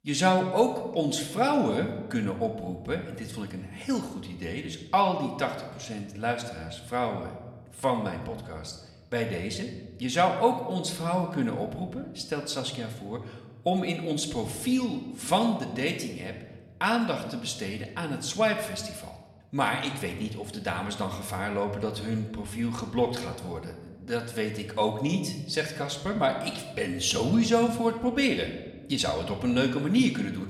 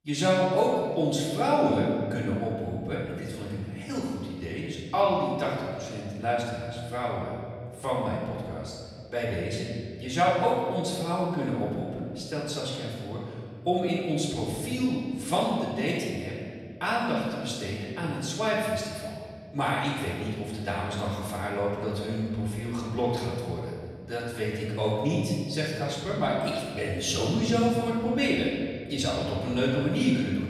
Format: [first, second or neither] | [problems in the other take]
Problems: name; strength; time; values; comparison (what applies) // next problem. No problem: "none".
first | room echo; strong; dies away in 2.2 s; slight in the first // off-mic speech; far; somewhat distant in the first